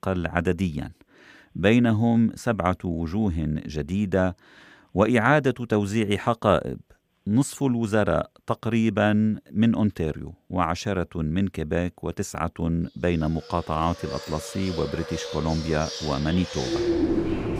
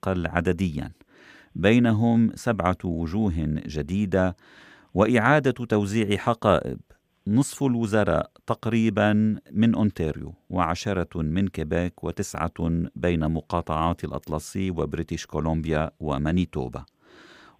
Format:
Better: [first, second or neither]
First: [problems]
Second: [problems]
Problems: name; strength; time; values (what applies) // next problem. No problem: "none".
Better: second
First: animal sounds; loud; from 14 s on; 6 dB below the speech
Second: none